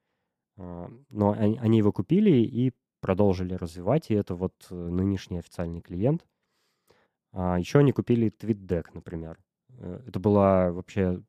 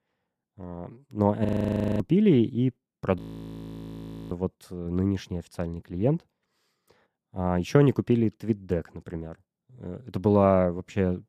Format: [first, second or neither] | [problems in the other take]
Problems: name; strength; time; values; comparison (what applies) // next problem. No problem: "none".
first | audio freezing; at 1.5 s for 0.5 s and at 3 s for 1 s